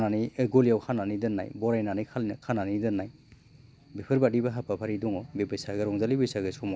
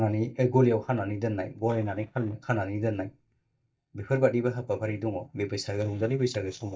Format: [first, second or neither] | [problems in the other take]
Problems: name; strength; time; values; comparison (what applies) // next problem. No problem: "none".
first | noise reduction (neural mask model DeepFilterNet 3)